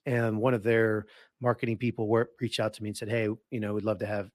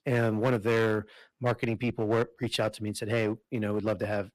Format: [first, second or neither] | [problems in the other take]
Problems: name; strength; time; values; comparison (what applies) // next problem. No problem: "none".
first | distortion; slight; 8% of the sound clipped